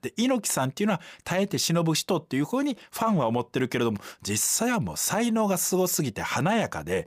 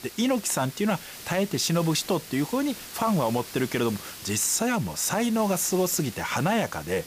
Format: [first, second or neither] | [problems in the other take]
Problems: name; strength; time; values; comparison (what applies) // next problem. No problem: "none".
first | hiss; noticeable; throughout; 15 dB below the speech